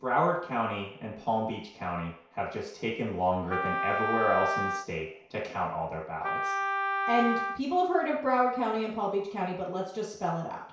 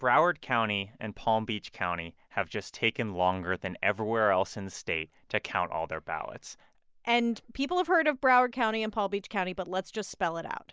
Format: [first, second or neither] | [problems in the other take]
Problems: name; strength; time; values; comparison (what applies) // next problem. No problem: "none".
second | background sound (Wind instrument, woodwind instrument); 2 dB below the speech // room echo; dies away in 0.6 s